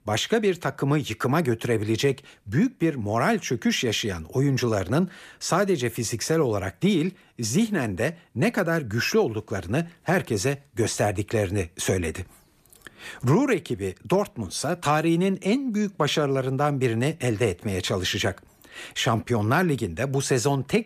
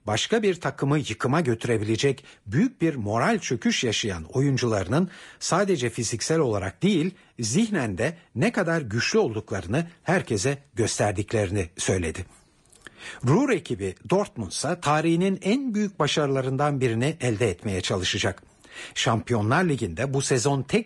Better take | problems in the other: first | garbled, watery; slightly

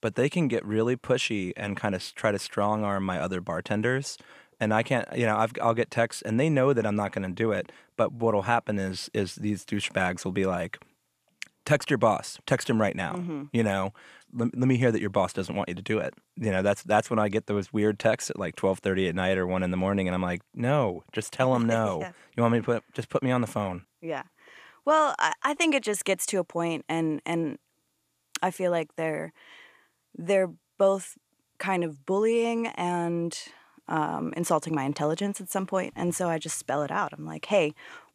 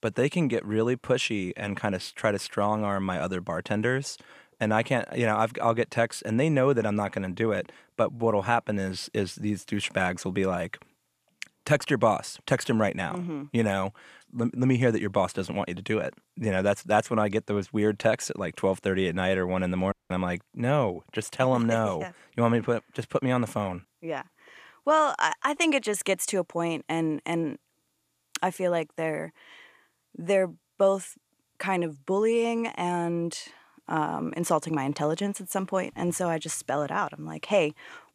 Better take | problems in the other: first | audio cutting out; at 20 s

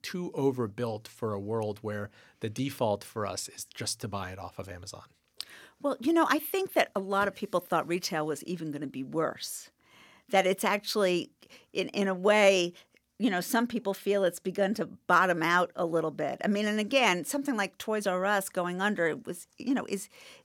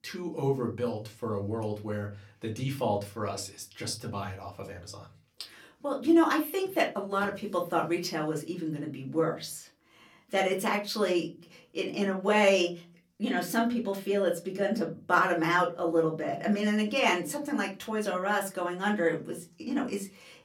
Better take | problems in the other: first | off-mic speech; far // room echo; very slight; dies away in 0.3 s

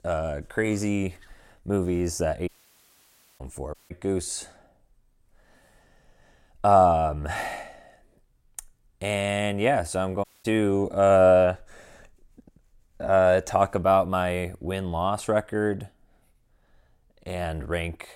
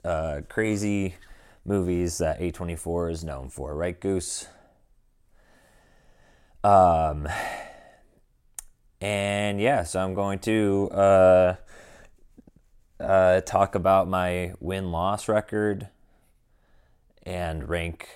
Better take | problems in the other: second | audio cutting out; at 2.5 s for 1 s, at 3.5 s and at 10 s

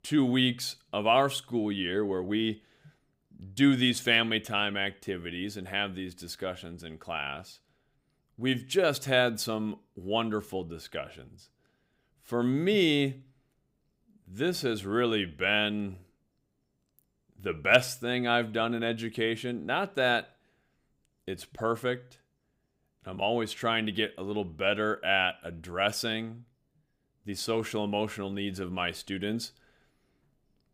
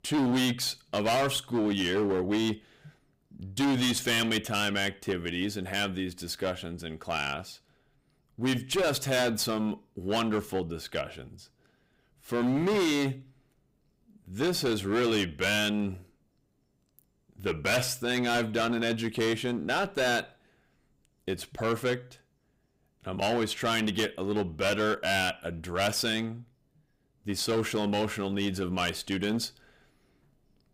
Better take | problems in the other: first | distortion; heavy; 12% of the sound clipped

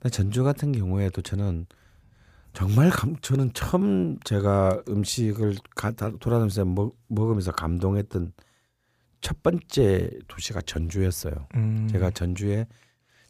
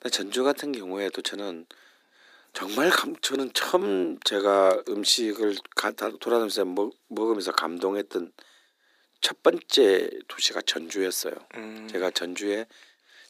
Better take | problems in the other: first | thin; very; fading below 300 Hz

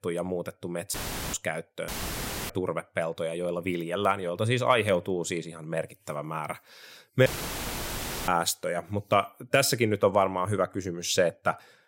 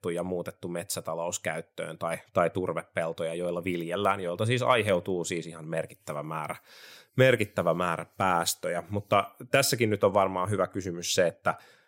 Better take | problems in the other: second | audio cutting out; filled with static; at 1 s, at 2 s for 0.5 s and at 7.5 s for 1 s

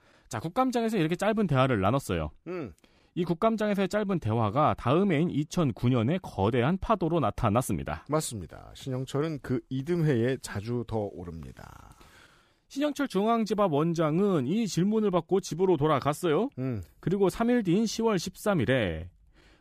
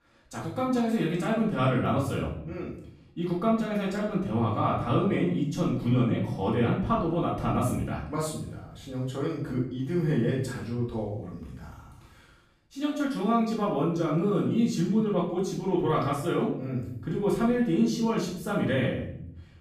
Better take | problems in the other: first | off-mic speech; far // room echo; noticeable; dies away in 0.7 s

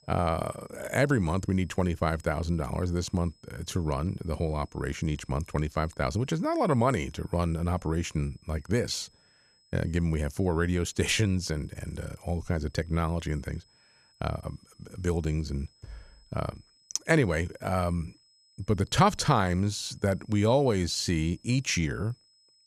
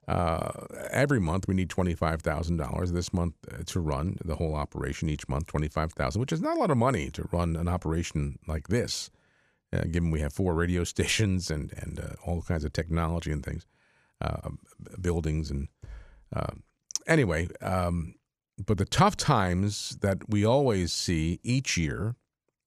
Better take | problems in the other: second | high-pitched whine; faint; throughout; 5 kHz, 30 dB below the speech

